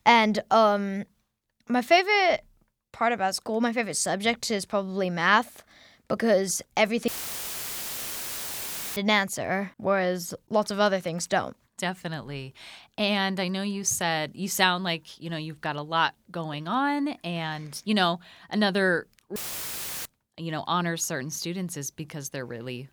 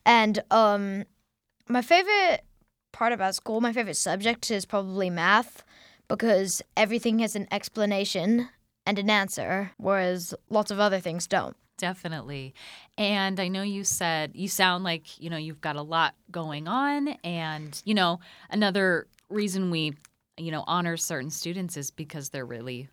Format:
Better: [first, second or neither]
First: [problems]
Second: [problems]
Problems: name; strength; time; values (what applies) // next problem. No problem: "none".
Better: second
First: audio cutting out; filled with static; at 7 s for 2 s and at 19 s for 0.5 s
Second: none